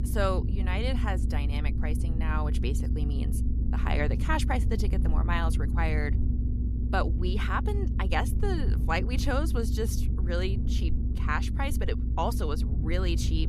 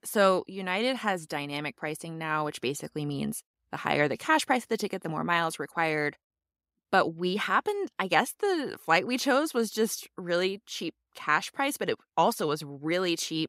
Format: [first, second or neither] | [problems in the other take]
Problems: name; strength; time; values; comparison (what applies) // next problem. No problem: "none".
second | low rumble; loud; throughout; 9 dB below the speech